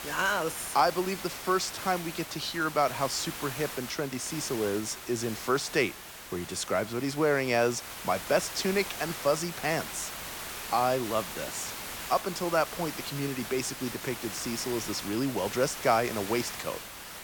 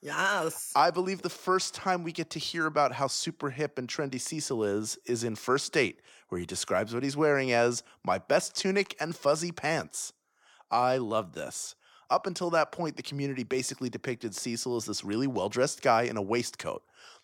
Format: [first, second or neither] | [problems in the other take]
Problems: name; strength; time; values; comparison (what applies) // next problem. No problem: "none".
second | hiss; loud; throughout; 8 dB below the speech